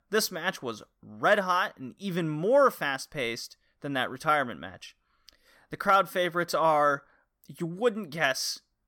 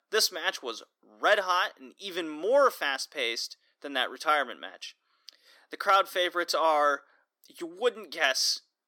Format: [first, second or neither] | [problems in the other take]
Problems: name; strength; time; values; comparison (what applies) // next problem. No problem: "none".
first | thin; somewhat; fading below 300 Hz